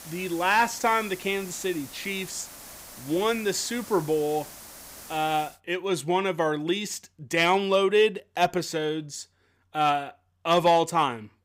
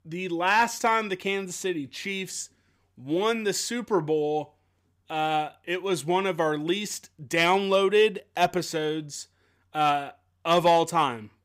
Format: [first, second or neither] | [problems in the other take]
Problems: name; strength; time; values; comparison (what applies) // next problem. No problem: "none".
second | hiss; noticeable; until 5.5 s; 15 dB below the speech